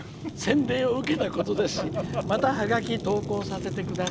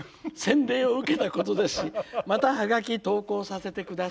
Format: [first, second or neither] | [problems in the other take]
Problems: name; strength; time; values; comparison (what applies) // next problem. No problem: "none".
second | background sound (Fire); 7 dB below the speech